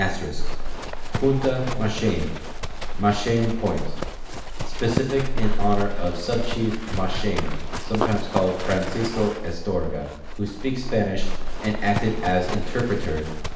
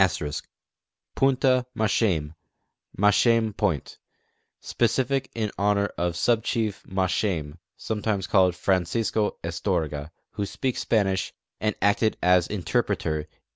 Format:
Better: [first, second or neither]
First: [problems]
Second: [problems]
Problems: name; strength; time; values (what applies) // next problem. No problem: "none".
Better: second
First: background sound (Livestock, farm animals, working animals); 1 dB above the speech // room echo; dies away in 0.8 s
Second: none